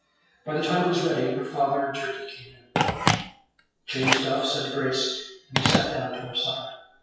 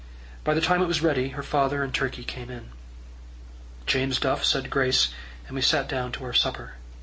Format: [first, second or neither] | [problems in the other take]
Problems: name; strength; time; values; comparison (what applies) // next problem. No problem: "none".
second | noise reduction (classical method WPE with log-MMSE)